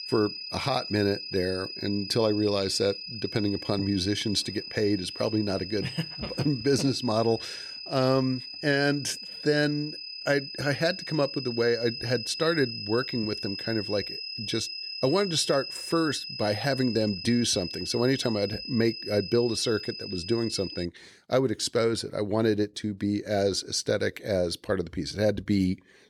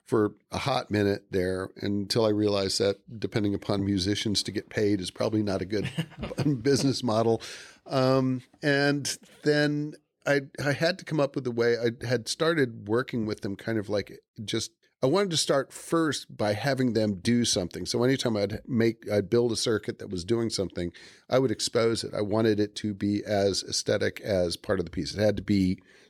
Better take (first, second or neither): second